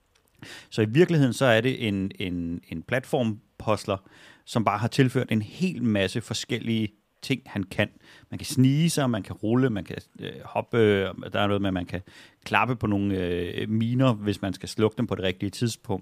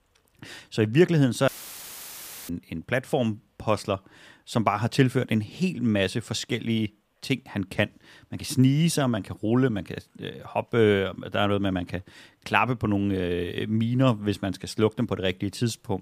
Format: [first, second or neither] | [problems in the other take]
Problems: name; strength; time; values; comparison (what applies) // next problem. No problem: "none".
first | audio cutting out; filled with static; at 1.5 s for 1 s